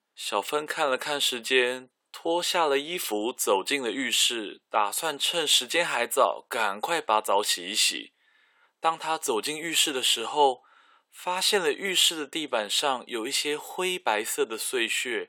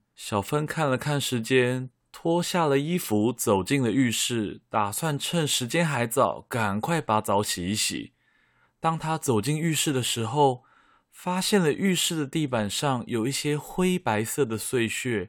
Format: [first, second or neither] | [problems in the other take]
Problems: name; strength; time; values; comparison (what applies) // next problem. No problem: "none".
second | thin; very; fading below 400 Hz